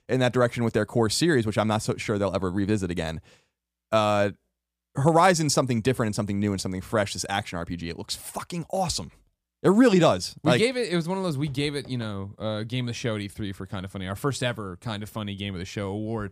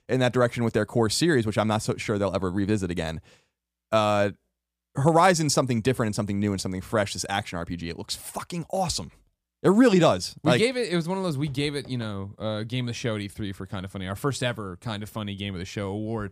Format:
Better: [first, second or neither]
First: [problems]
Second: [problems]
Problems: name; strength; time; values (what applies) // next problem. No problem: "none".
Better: neither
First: none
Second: none